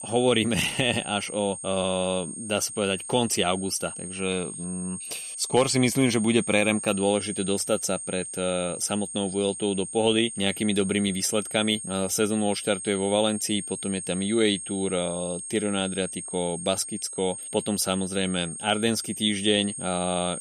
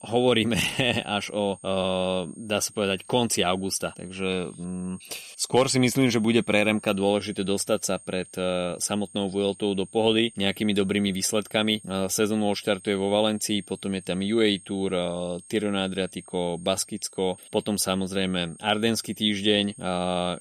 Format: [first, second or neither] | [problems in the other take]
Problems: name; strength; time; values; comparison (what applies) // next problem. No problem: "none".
second | high-pitched whine; loud; throughout; 8.5 kHz, 8 dB below the speech; faint in the second